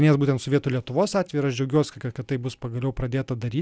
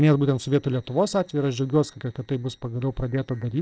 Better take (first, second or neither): first